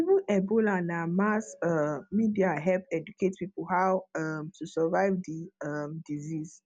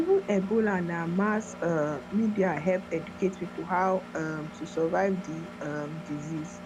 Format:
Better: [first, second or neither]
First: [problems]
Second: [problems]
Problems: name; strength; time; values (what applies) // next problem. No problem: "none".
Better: first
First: none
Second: background sound (Engine); 14 dB below the speech